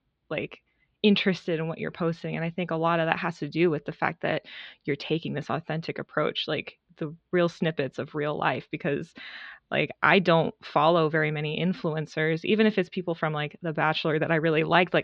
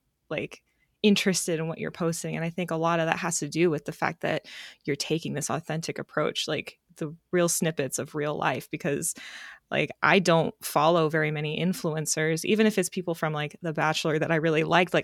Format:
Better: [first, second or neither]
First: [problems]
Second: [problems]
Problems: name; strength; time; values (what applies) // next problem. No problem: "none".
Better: second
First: muffled; slightly; fading above 4 kHz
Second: none